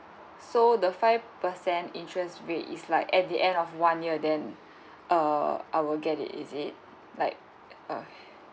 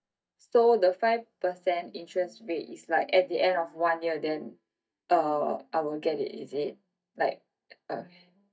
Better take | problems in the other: first | noise reduction (neural mask model DeepFilterNet 3)

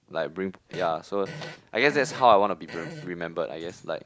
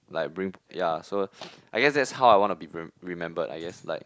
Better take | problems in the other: second | background sound (Fart); 17 dB below the speech

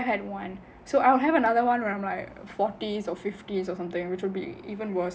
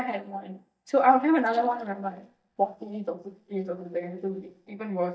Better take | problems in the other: first | noise reduction (neural mask model DeepFilterNet 3)

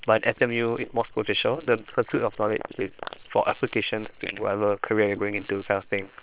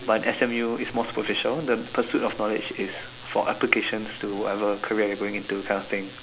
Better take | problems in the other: second | noise reduction (neural separator model SepFormer WHAM!)

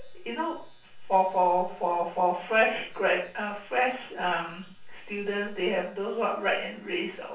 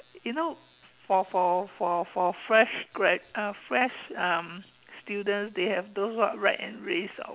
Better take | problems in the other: second | room echo; dies away in 0.4 s

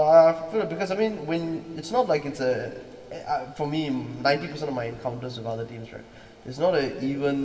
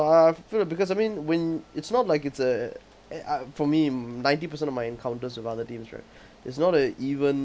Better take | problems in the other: second | room echo; dies away in 1.9 s

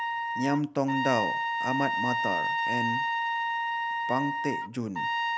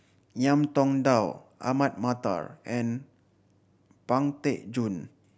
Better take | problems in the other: second | background sound (Trumpet); 2 dB above the speech

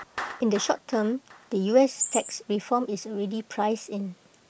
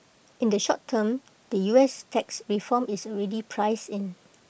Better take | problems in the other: second | background sound (Chirp, tweet + Clapping); 11 dB below the speech

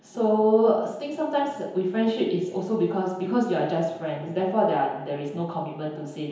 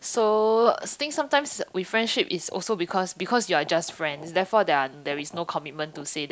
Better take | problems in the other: second | room echo; dies away in 1 s

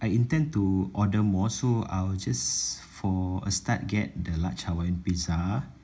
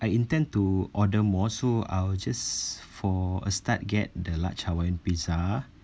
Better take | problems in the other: second | room echo; dies away in 0.4 s

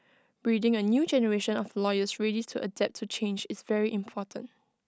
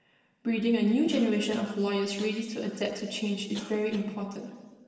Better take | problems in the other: first | background sound (Cough); 19 dB below the speech // room echo; dies away in 1.2 s

